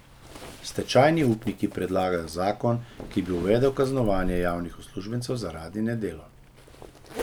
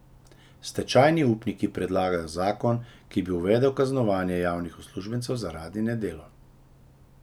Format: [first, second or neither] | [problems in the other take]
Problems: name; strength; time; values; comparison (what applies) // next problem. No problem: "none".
second | background sound (Zipper (clothing)); 13 dB below the speech